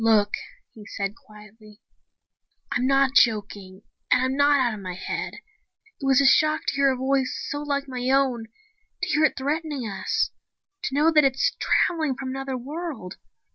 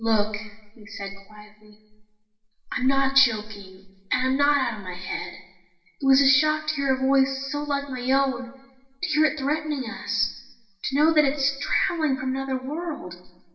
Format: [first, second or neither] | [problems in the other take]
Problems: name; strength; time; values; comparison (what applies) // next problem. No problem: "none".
first | room echo; dies away in 0.9 s